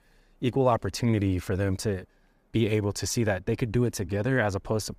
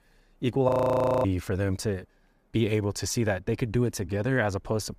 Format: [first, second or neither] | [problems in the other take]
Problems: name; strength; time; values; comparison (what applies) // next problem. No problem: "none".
first | audio freezing; at 0.5 s for 0.5 s